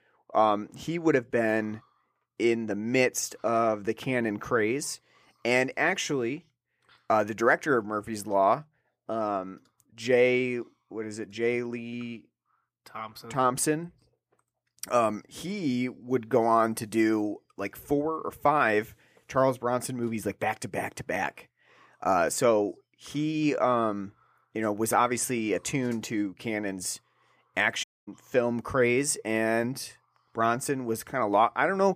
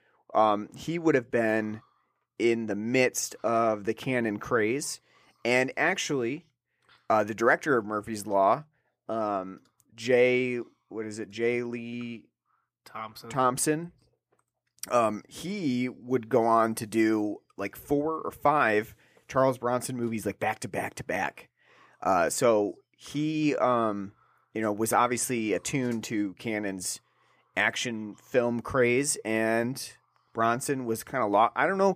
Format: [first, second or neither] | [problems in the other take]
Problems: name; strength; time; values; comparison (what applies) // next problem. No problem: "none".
second | audio cutting out; at 28 s